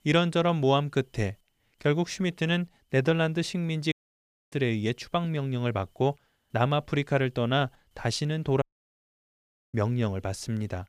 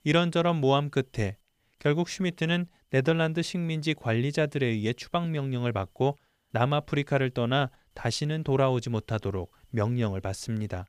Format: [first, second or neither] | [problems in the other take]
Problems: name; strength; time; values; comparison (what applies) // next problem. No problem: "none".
second | audio cutting out; at 4 s for 0.5 s and at 8.5 s for 1 s